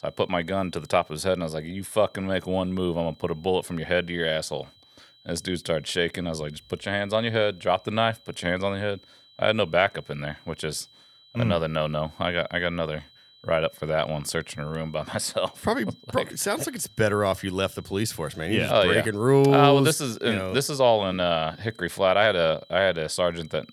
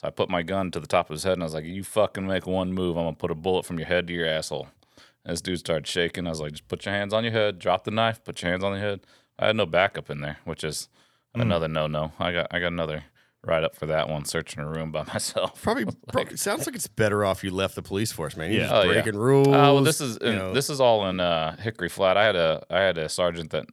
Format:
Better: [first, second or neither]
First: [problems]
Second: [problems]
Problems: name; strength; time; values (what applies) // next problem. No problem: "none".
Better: second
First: high-pitched whine; faint; throughout; 4 kHz, 30 dB below the speech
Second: none